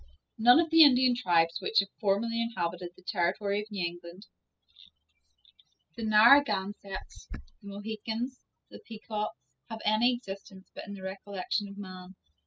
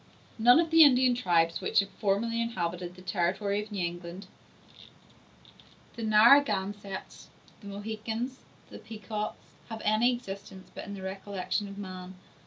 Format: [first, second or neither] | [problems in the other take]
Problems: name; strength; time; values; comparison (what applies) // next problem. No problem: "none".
second | noise reduction (classical method spectral subtraction)